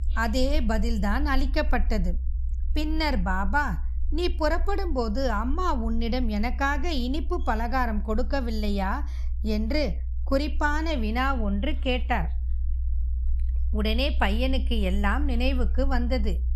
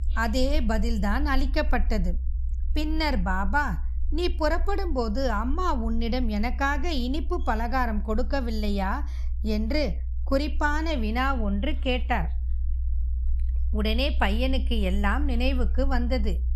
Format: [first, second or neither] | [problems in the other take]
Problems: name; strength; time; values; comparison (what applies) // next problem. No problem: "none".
neither | low rumble; faint; throughout; 25 dB below the speech; the same in both